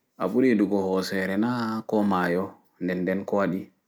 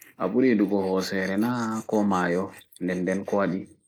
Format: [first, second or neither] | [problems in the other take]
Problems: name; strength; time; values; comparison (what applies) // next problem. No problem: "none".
first | noise reduction (neural mask model Resemble Enhance denoiser)